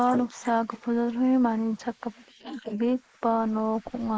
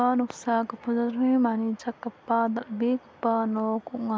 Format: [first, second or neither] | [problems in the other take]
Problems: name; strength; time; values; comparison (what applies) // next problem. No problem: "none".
second | noise reduction (neural mask model Resemble Enhance denoiser)